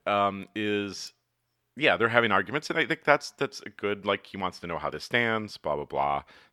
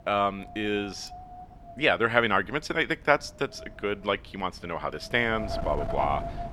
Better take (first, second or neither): first